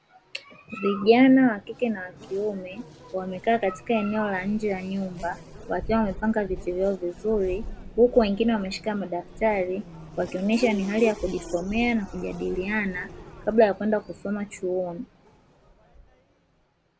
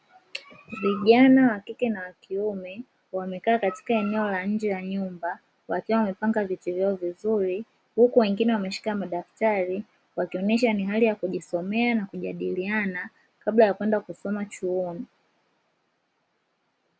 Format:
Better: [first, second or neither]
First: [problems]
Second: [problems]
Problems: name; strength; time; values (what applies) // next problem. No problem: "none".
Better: second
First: background sound (Race car, auto racing / Accelerating, revving, vroom); 15 dB below the speech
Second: none